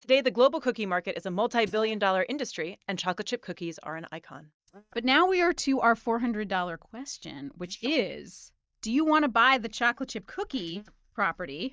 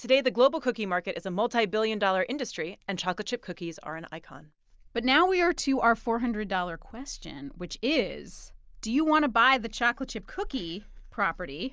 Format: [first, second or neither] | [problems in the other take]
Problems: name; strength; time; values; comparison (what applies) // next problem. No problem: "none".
second | noise reduction (neural mask model DeepFilterNet 3)